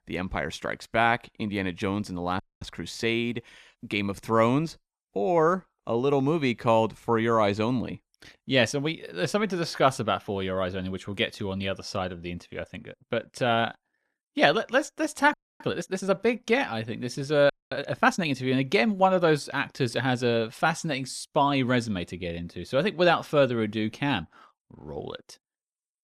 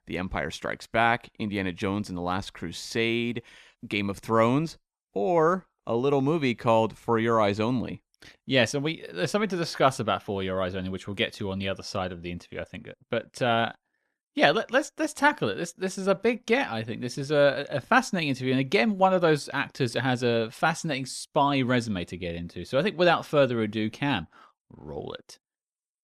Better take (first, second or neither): second